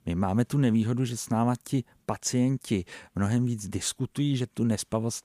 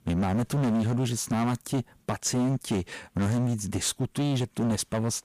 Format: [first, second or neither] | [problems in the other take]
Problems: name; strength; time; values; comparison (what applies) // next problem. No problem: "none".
first | distortion; heavy; 20% of the sound clipped